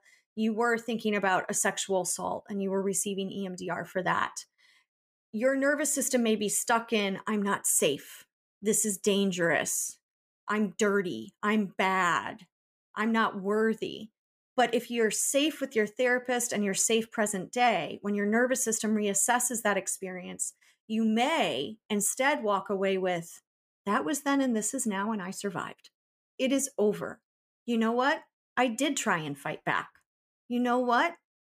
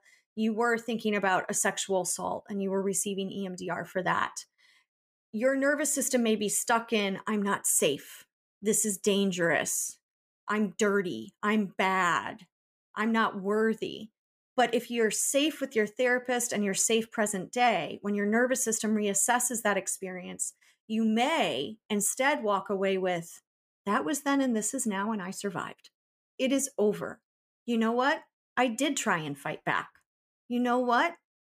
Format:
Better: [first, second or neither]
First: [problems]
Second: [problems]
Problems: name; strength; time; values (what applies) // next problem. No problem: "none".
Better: neither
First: none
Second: none